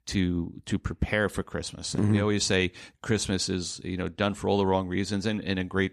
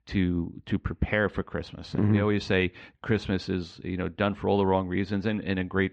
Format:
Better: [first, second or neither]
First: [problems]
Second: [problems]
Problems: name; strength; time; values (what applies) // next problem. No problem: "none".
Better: first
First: none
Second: muffled; slightly; fading above 3 kHz